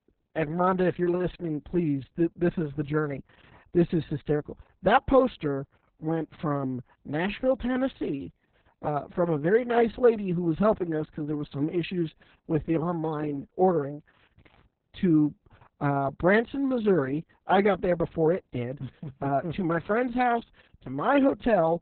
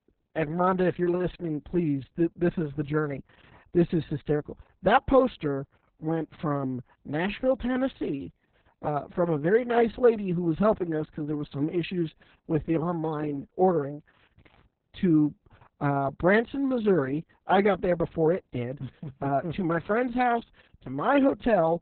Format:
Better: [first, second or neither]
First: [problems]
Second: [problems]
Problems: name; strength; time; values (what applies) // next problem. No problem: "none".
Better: neither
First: garbled, watery; badly; nothing above 4 kHz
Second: garbled, watery; badly; nothing above 4 kHz